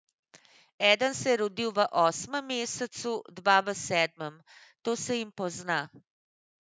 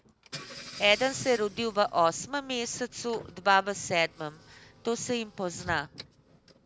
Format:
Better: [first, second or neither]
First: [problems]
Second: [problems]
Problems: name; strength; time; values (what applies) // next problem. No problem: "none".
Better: first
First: none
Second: background sound (Engine / Car); 18 dB below the speech